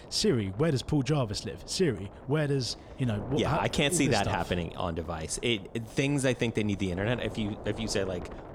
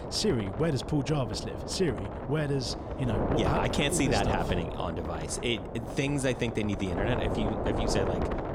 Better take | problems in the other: first | wind noise on the microphone; heavy; 3 dB below the speech; occasional gusts in the first

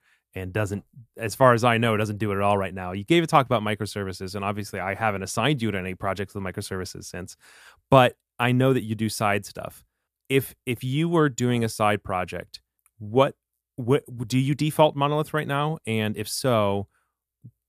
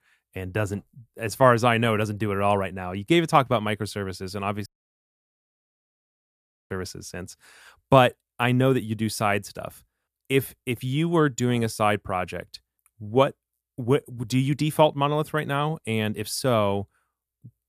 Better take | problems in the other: first | audio cutting out; at 4.5 s for 2 s

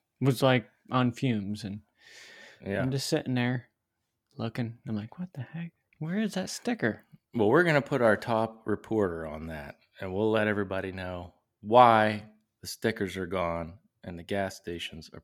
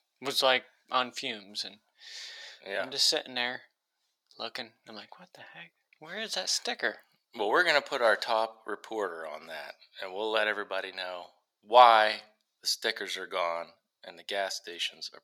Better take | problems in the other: first | thin; very; fading below 700 Hz

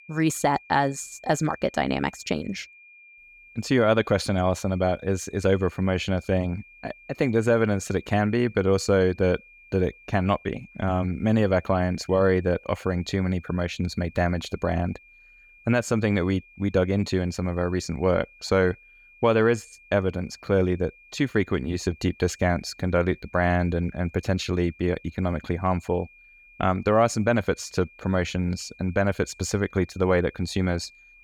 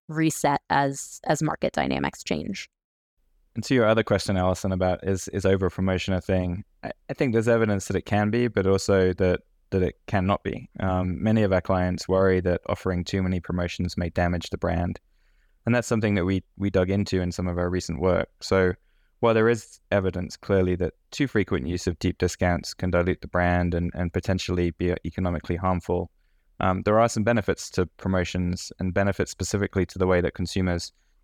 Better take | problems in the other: second | high-pitched whine; faint; throughout; 2.5 kHz, 25 dB below the speech

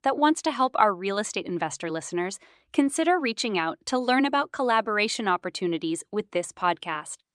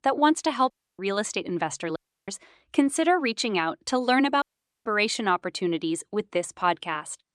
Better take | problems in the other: first | audio cutting out; at 0.5 s, at 2 s and at 4.5 s

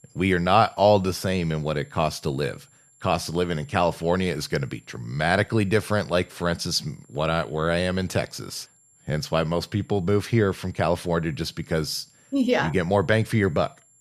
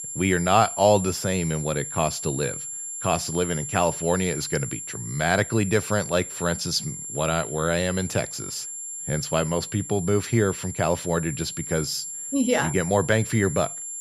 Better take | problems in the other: first | high-pitched whine; loud; throughout; 7.5 kHz, 7 dB below the speech; faint in the first

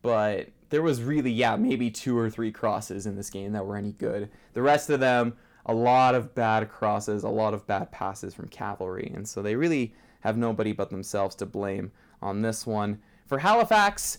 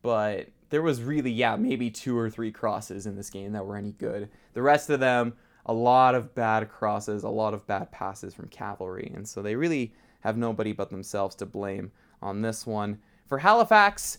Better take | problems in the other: second | distortion; slight; 10 dB below the speech

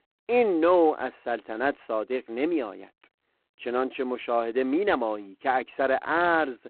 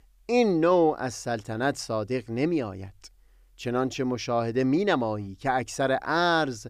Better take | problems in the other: second | phone-call audio; poor line; nothing above 4 kHz

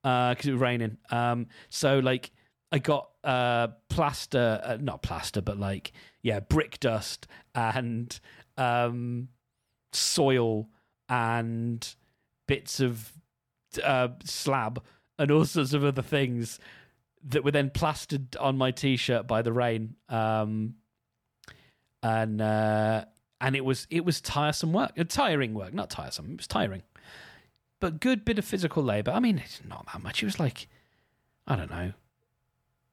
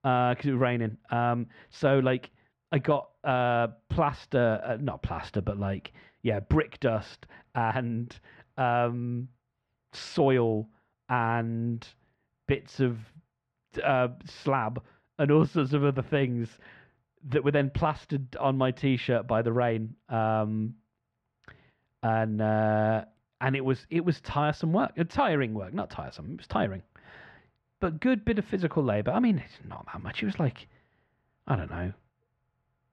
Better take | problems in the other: first | muffled; very; fading above 2 kHz

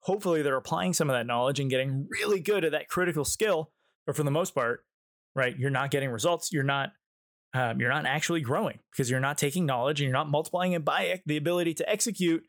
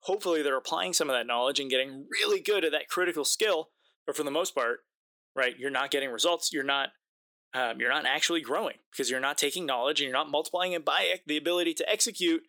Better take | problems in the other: first | thin; somewhat; fading below 300 Hz

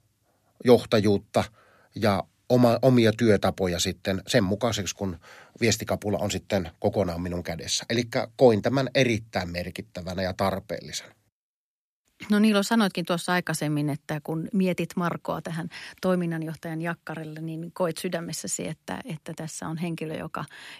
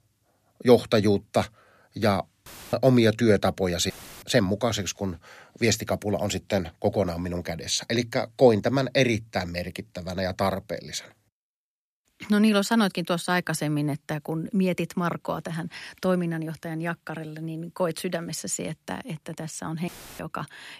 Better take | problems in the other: first | audio cutting out; filled with static; at 2.5 s, at 4 s and at 20 s

